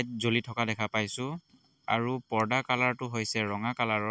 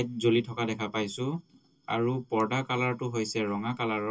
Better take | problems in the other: first | room echo; dies away in 0.2 s

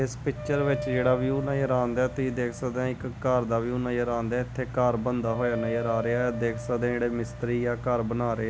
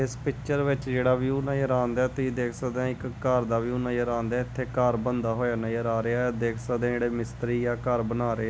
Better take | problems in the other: second | background sound (Wind instrument, woodwind instrument); 12 dB below the speech

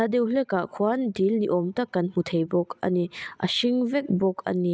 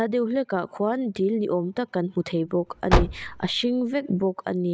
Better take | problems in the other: first | background sound (Car); 1 dB below the speech

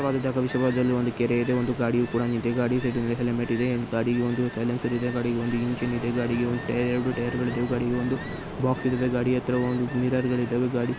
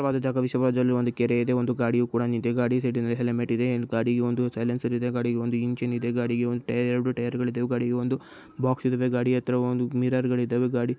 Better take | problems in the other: second | background sound (Ocean); 11 dB below the speech

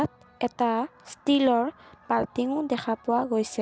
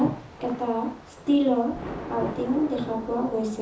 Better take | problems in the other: first | background sound (Thunder / Rain); 13 dB below the speech // room echo; dies away in 0.6 s

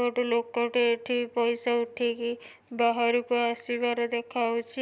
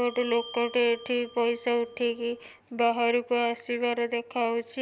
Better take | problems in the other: first | background sound (Bell); 20 dB below the speech

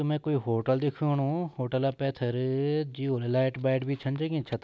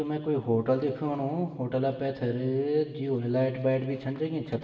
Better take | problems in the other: first | room echo; dies away in 2.2 s

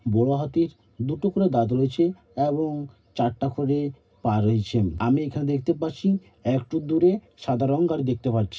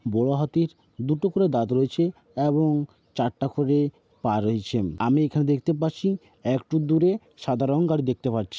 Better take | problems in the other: second | room echo; dies away in 0.4 s

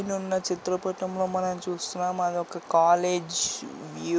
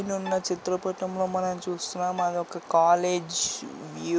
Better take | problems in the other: first | background sound (Bowed string instrument); 18 dB below the speech

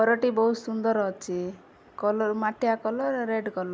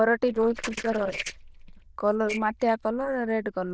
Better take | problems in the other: first | noise reduction (neural diffusion model UNIVERSE++)

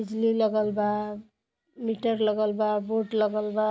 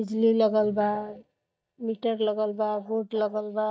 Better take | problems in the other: first | noise reduction (neural mask model DeepFilterNet 3)

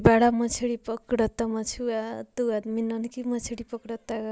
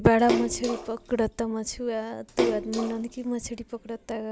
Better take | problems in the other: first | background sound (Splash, splatter); 6 dB below the speech

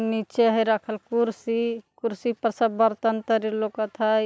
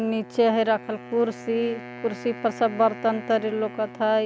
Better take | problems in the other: first | background sound (Wind instrument, woodwind instrument); 15 dB below the speech

